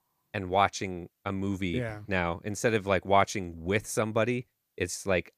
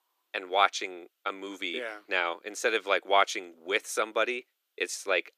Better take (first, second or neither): first